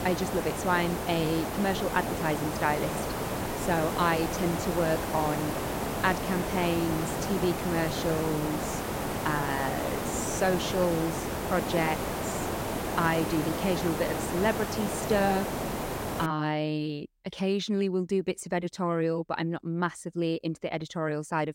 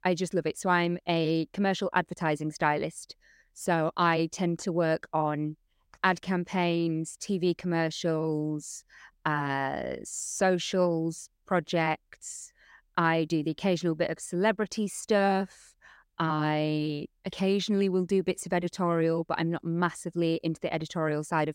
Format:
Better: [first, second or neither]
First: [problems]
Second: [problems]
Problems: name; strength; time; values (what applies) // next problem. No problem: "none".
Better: second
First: hiss; loud; until 16 s; 2 dB below the speech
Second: none